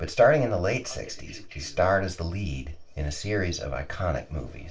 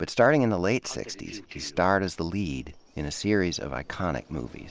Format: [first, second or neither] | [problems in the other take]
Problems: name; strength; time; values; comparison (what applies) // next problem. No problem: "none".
second | room echo; dies away in 0.2 s